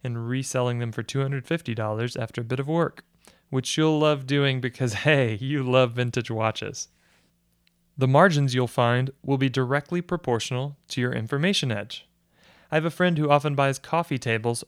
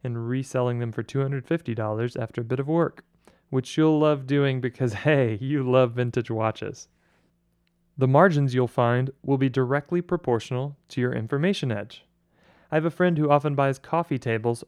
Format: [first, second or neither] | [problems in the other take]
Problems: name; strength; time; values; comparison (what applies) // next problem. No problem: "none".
first | muffled; slightly; fading above 2 kHz